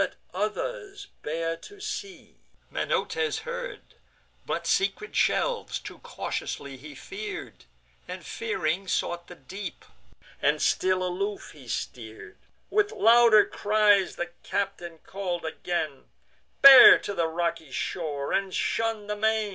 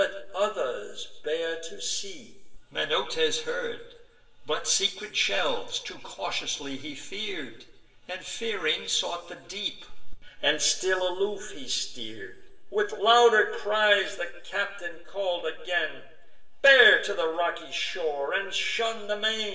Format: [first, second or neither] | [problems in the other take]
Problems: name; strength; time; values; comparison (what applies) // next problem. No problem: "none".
first | room echo; dies away in 0.8 s